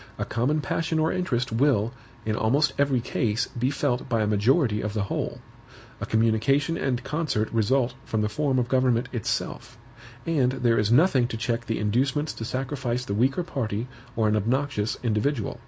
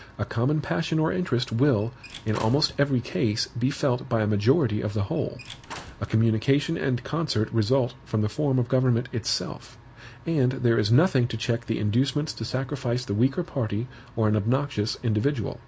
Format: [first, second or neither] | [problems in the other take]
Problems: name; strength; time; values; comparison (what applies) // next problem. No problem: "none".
first | background sound (Squeak / Slam / Wood); 18 dB below the speech